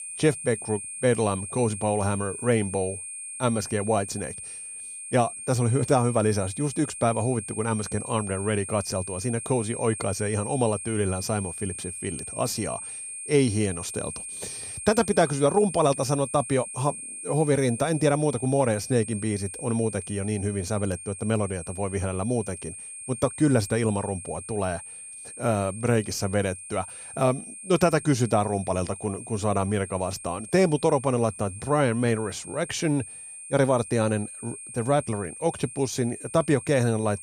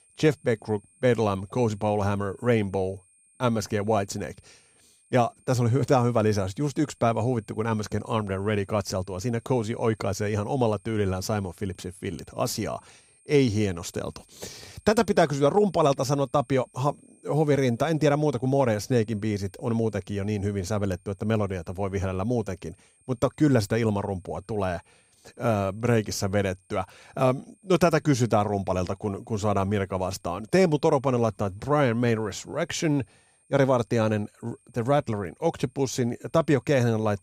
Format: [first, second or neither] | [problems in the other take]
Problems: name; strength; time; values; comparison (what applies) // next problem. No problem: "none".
second | high-pitched whine; loud; throughout; 8.5 kHz, 10 dB below the speech; faint in the second